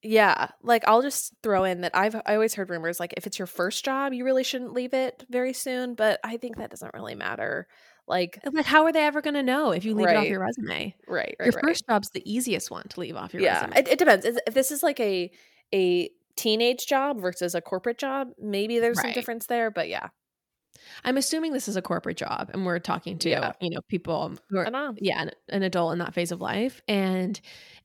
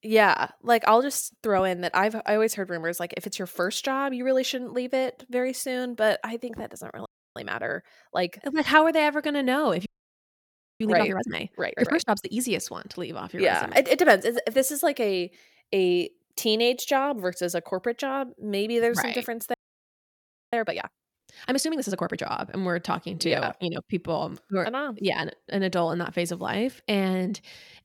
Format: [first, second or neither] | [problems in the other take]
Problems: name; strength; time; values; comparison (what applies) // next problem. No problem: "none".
first | audio freezing; at 7 s, at 10 s for 1 s and at 20 s for 1 s